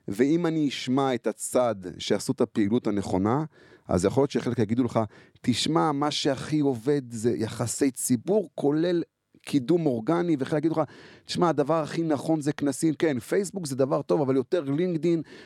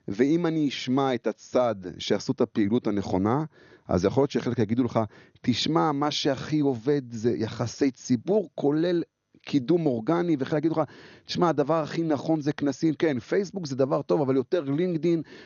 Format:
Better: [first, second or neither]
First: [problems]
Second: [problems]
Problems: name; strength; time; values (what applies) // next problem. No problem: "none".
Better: first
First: none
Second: garbled, watery; slightly; nothing above 6.5 kHz